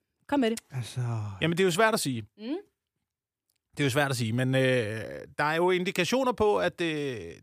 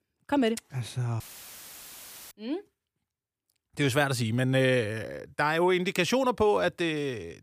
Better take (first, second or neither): first